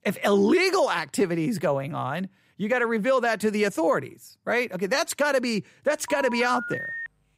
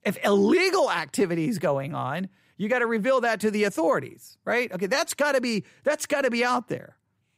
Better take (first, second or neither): second